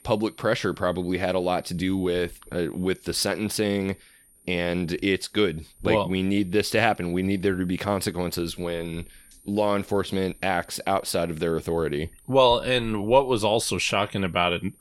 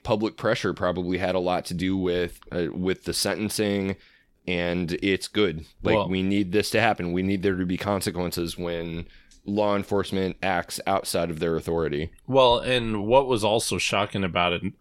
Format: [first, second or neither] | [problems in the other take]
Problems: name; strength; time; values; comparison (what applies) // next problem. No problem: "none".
second | high-pitched whine; faint; throughout; 9.5 kHz, 30 dB below the speech